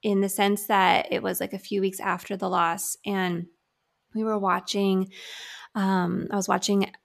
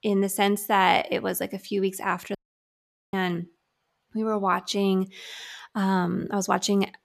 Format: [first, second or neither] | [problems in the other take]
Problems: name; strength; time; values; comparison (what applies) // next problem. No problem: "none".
first | audio cutting out; at 2.5 s for 1 s